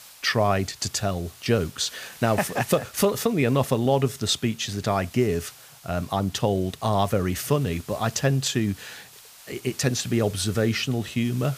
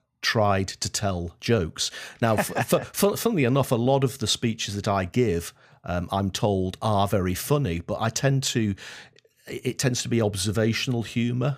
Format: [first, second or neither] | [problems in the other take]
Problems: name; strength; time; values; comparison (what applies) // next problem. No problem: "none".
second | hiss; faint; throughout; 20 dB below the speech